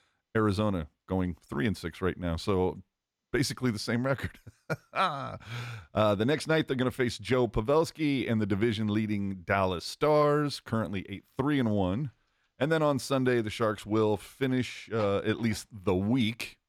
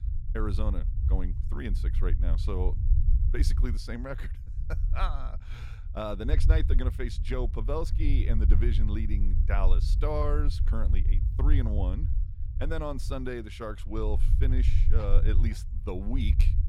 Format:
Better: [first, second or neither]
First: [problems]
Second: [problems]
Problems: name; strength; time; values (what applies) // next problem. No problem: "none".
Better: first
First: none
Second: low rumble; loud; throughout; 10 dB below the speech